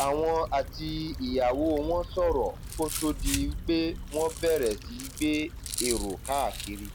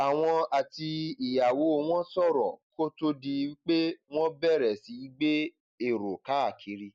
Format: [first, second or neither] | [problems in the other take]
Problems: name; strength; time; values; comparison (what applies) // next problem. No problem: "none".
second | background sound (Rattle + Stream / Trickle, dribble / Traffic noise, roadway noise); 7 dB below the speech